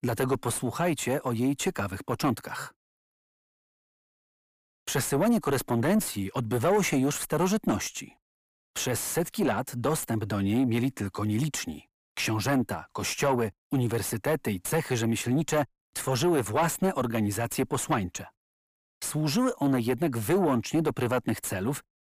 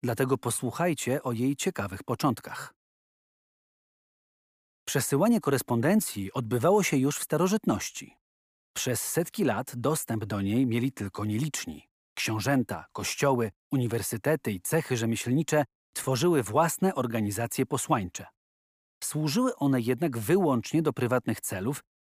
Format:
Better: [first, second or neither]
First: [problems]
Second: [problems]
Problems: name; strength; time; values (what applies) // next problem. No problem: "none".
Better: second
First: distortion; slight; 10 dB below the speech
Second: none